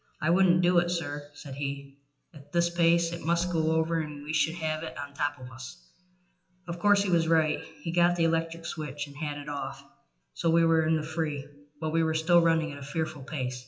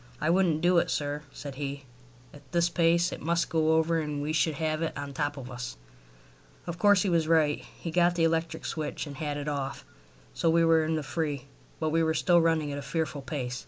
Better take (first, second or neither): second